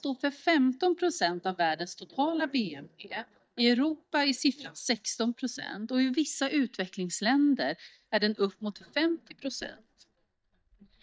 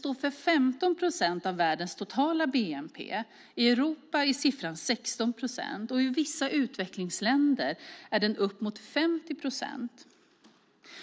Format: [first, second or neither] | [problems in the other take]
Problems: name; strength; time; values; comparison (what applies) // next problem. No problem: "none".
second | noise reduction (neural mask model DeepFilterNet 3)